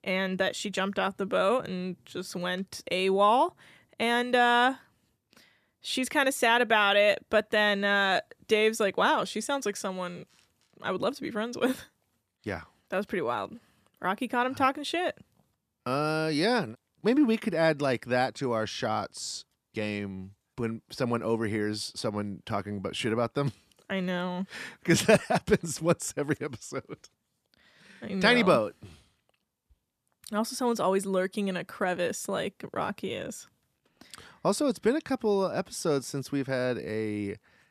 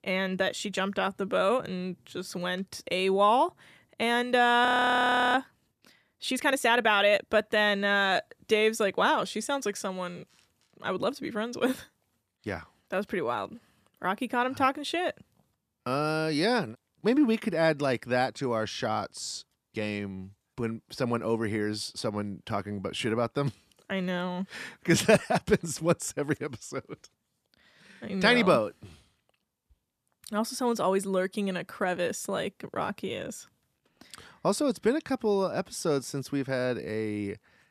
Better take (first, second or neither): first